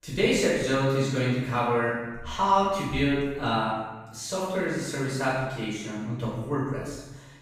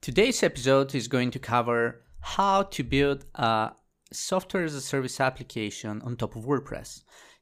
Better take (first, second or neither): second